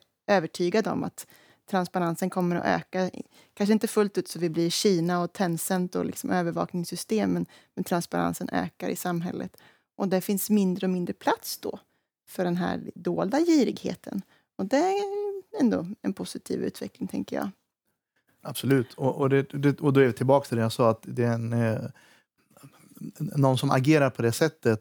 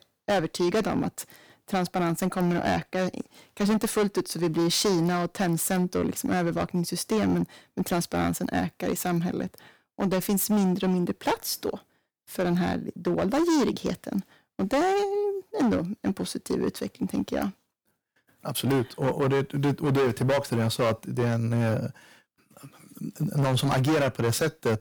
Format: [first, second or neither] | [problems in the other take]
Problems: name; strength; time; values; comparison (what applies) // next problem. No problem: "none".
first | distortion; heavy; 11% of the sound clipped